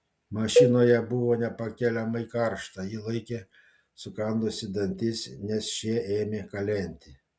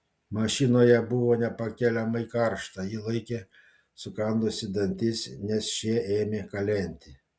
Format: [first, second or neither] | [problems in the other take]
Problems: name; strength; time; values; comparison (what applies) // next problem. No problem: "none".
second | background sound (Cowbell); 1 dB above the speech